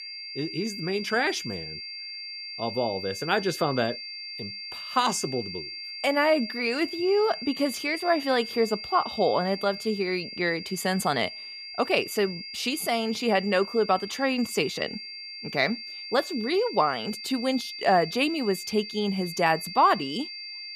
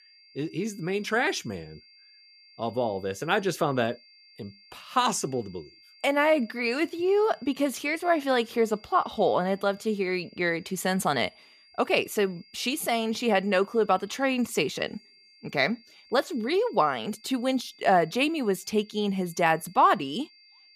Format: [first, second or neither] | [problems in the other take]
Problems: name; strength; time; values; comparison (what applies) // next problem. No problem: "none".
second | high-pitched whine; loud; throughout; 4.5 kHz, 9 dB below the speech; faint in the second